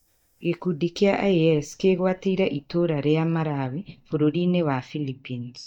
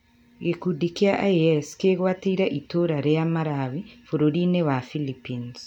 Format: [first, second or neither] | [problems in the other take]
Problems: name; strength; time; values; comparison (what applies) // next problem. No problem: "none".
second | noise reduction (neural mask model DeepFilterNet 3)